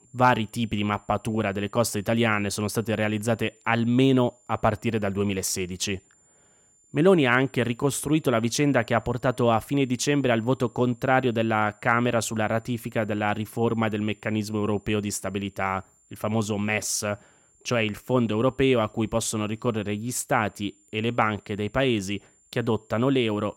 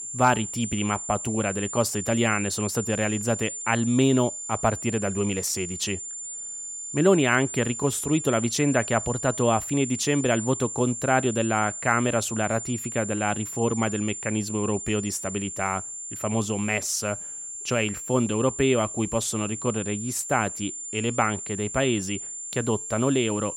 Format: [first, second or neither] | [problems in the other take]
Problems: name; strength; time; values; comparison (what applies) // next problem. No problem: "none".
first | high-pitched whine; loud; throughout; 7 kHz, 7 dB below the speech; faint in the first